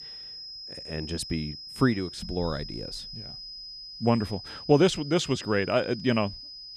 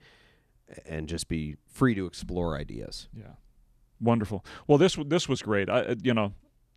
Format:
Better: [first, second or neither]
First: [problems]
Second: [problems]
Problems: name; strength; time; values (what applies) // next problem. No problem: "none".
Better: second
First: high-pitched whine; noticeable; throughout; 5 kHz, 10 dB below the speech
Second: none